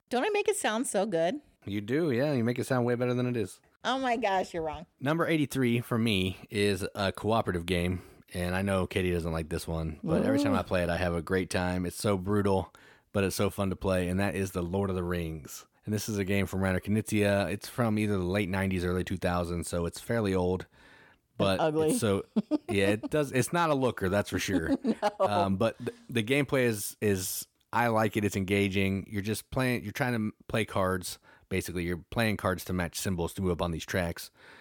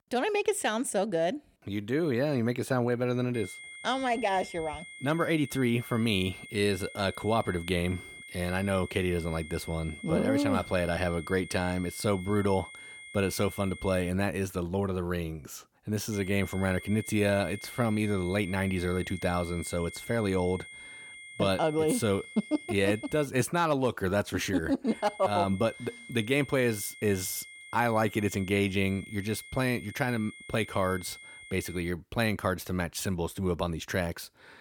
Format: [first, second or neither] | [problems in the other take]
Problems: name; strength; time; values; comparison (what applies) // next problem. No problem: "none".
first | high-pitched whine; noticeable; from 3.5 to 14 s, from 16 to 23 s and from 25 to 32 s; 2 kHz, 15 dB below the speech